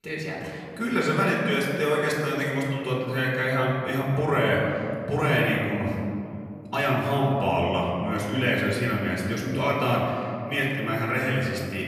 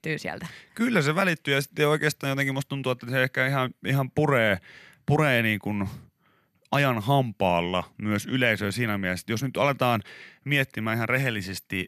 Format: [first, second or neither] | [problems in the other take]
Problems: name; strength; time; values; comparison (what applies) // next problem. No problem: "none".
second | off-mic speech; far // room echo; noticeable; dies away in 2.3 s